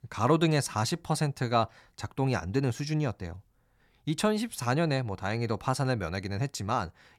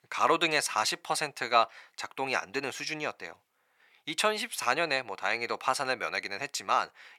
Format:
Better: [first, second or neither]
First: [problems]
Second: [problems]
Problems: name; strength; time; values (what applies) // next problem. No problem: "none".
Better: first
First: none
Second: thin; very; fading below 550 Hz